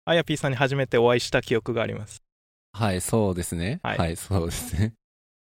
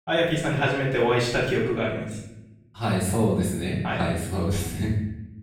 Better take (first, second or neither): first